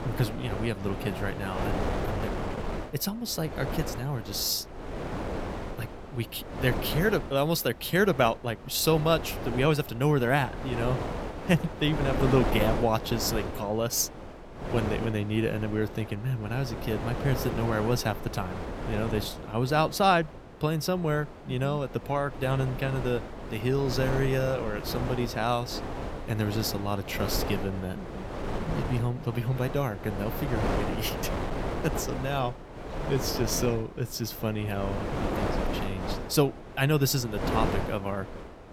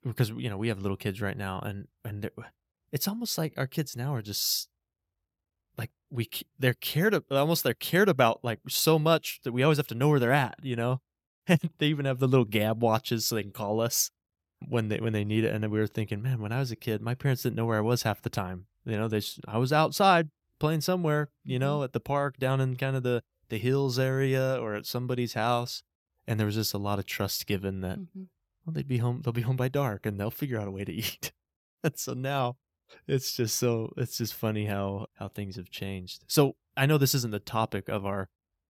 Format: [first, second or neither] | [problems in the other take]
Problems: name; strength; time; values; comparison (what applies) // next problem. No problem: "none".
second | wind noise on the microphone; heavy; 6 dB below the speech